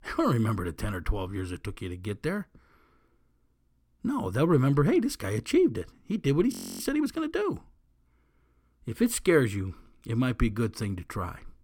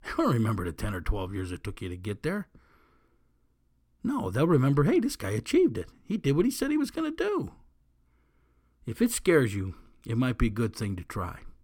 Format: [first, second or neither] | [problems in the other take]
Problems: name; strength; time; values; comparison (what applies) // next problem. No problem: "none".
second | audio freezing; at 6.5 s